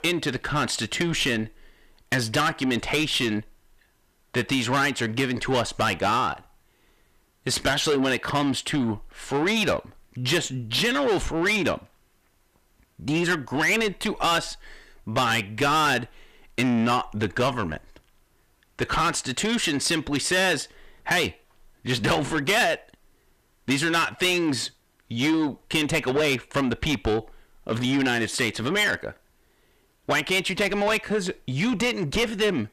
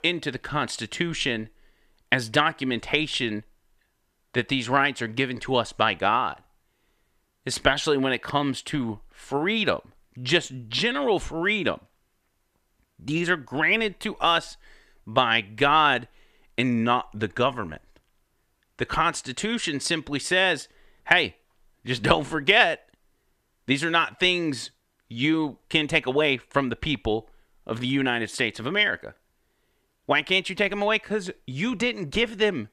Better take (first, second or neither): second